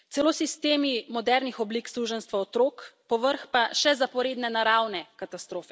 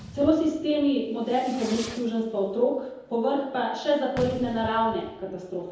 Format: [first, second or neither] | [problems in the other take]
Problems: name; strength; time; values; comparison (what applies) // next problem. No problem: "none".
first | background sound (Fireworks); 16 dB below the speech // room echo; dies away in 1 s